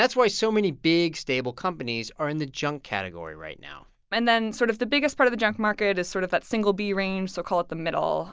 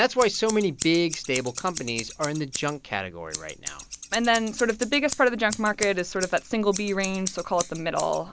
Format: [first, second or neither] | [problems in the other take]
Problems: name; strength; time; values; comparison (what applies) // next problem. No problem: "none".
first | background sound (Scissors); 12 dB below the speech